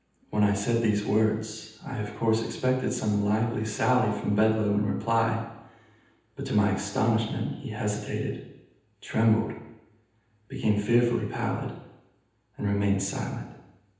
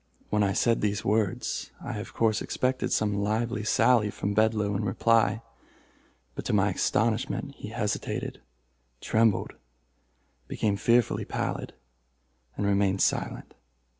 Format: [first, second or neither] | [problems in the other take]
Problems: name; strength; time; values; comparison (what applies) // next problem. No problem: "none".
second | room echo; dies away in 0.9 s